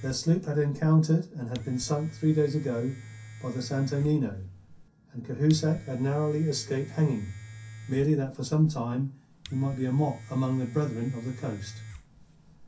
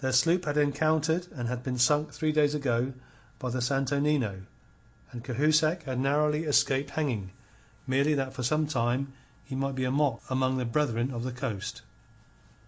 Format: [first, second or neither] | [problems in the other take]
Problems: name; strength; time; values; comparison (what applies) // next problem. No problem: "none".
second | background sound (Domestic sounds, home sounds); 17 dB below the speech // room echo; dies away in 0.3 s